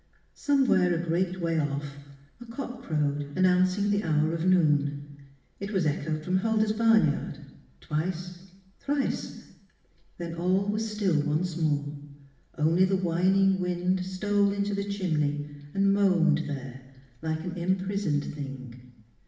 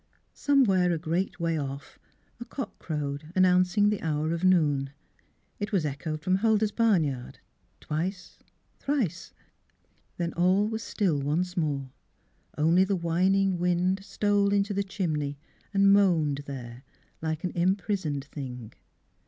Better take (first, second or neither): second